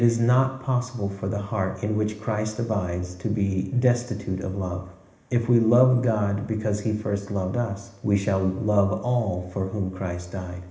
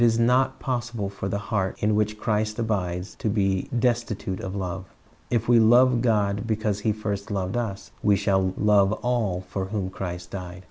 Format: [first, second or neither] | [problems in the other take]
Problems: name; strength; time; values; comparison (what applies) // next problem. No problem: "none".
second | room echo; dies away in 1 s